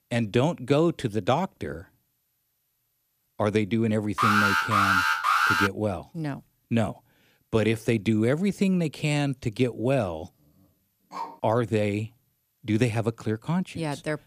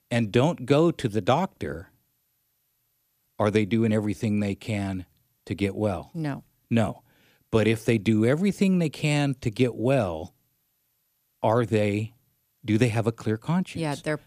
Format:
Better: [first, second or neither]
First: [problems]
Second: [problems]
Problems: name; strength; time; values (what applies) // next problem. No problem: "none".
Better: second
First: alarm; loud; from 4 to 5.5 s; peak 6 dB above the speech // dog barking; faint; at 11 s; peak 10 dB below the speech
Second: none